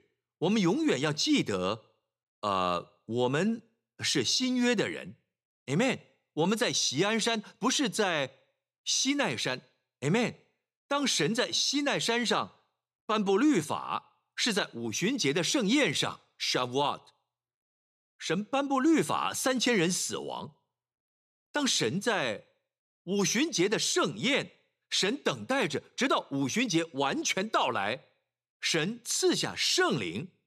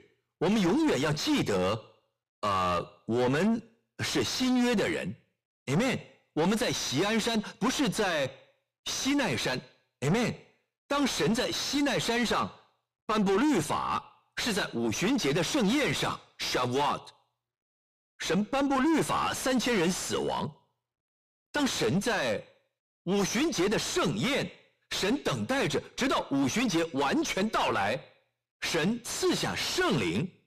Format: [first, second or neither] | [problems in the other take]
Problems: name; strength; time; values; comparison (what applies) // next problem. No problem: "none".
first | distortion; heavy; 5 dB below the speech